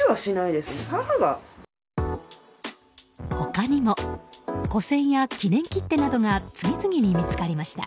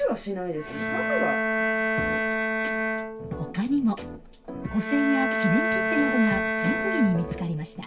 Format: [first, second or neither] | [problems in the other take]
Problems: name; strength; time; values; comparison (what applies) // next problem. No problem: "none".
first | background sound (Bowed string instrument); as loud as the speech // room echo; dies away in 0.2 s